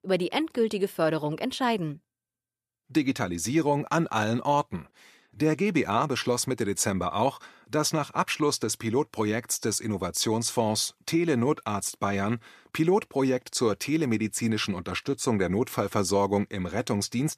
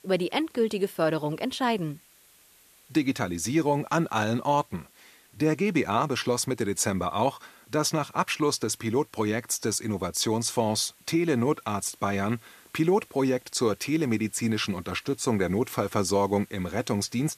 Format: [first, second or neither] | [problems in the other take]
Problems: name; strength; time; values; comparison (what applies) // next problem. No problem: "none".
first | hiss; faint; throughout; 30 dB below the speech